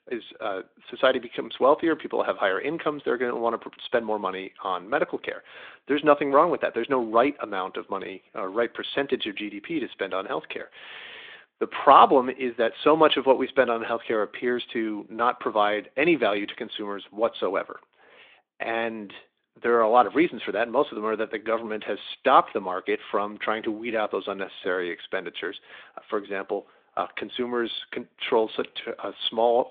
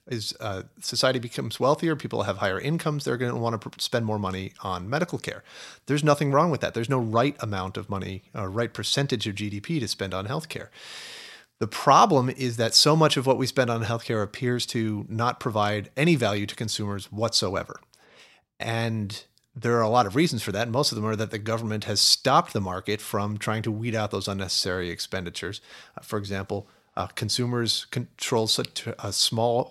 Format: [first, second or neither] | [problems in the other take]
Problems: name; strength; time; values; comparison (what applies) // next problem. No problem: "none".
second | phone-call audio; nothing above 3.5 kHz